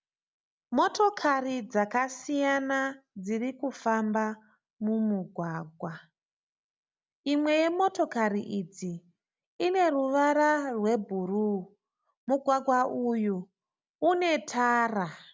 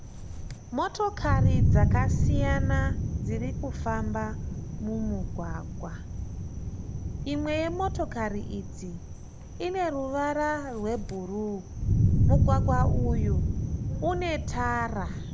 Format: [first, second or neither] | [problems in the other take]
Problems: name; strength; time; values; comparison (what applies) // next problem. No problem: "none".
first | background sound (Thunder); 5 dB above the speech